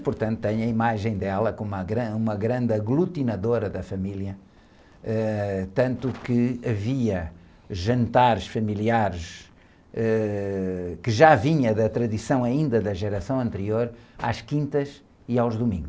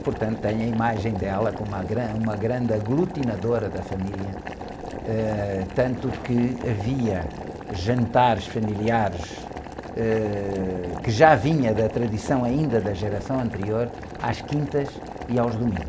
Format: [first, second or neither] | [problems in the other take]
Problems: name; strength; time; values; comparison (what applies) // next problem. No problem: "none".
first | background sound (Boiling); 10 dB below the speech